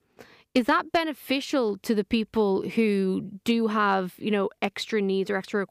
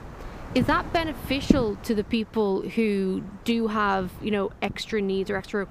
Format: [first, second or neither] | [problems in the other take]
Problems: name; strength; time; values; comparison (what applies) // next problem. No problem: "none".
first | wind noise on the microphone; occasional gusts; 10 dB below the speech